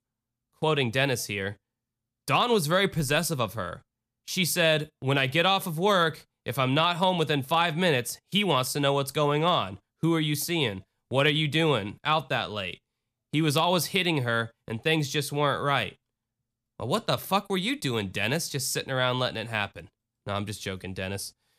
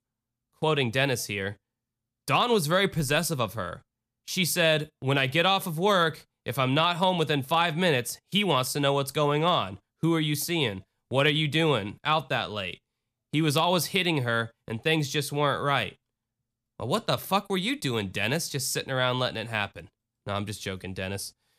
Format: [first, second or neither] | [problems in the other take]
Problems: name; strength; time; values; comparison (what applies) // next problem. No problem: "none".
neither | none